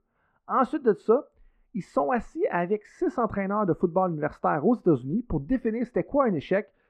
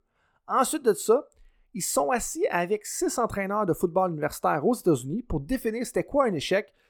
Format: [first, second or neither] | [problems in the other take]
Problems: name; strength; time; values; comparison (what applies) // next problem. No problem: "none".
second | muffled; very; fading above 1.5 kHz